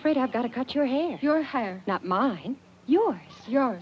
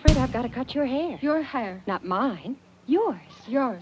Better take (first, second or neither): first